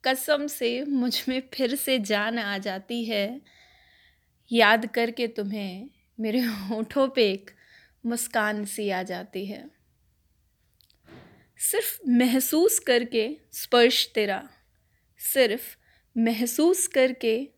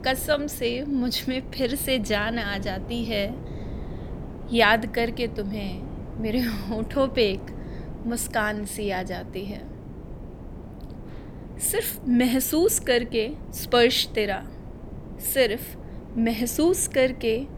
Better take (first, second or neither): first